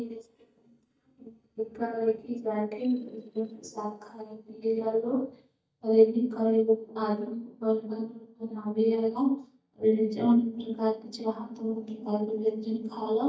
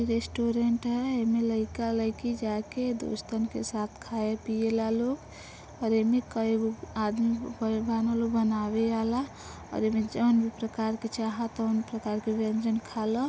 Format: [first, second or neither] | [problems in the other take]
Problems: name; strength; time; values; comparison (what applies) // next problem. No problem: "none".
second | noise reduction (neural mask model DeepFilterNet 3)